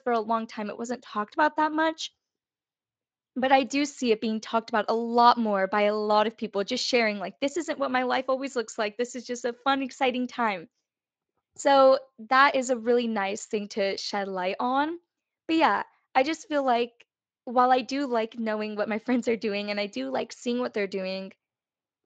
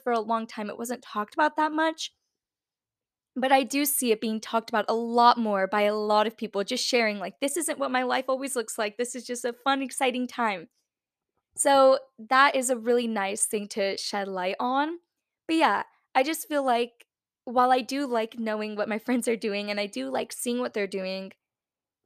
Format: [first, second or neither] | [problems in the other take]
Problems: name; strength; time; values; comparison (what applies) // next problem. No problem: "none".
second | garbled, watery; slightly; nothing above 7.5 kHz